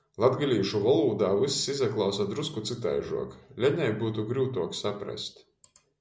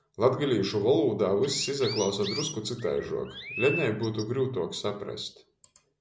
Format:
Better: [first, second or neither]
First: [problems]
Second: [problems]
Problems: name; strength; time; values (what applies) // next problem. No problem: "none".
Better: first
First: none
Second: background sound (Chirp, tweet); 10 dB below the speech